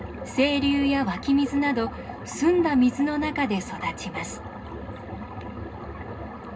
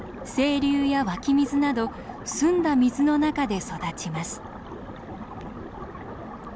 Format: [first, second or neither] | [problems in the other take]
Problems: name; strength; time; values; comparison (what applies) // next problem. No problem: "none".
second | room echo; dies away in 0.2 s